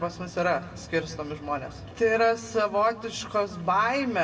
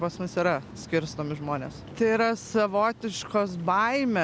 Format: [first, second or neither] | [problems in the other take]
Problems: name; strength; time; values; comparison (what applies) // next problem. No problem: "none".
second | room echo; dies away in 0.9 s